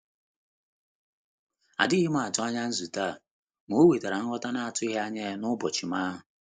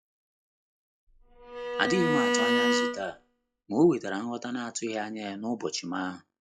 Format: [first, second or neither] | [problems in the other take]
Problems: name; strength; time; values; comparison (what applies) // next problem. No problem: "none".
first | noise reduction (classical method log-MMSE)